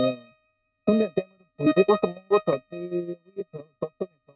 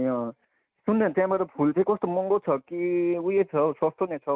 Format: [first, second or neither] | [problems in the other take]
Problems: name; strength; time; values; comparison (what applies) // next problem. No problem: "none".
second | noise reduction (neural mask model RNNoise)